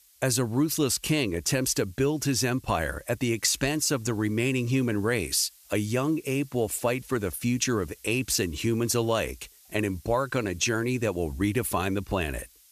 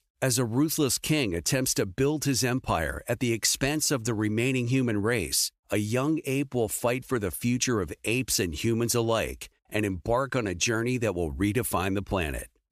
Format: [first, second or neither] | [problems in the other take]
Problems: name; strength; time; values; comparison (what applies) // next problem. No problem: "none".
second | hiss; faint; throughout; 25 dB below the speech